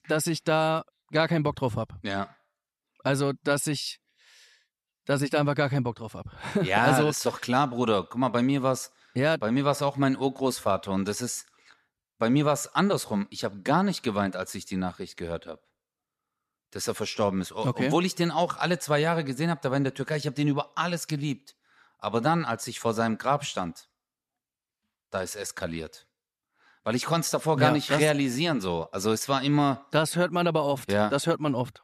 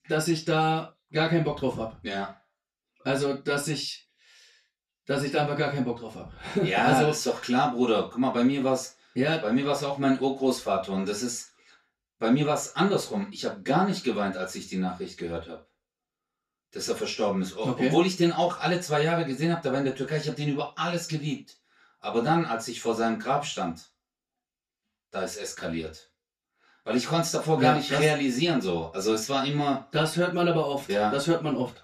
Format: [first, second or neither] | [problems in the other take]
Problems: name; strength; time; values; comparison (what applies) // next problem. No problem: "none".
first | room echo; slight; dies away in 0.2 s // off-mic speech; far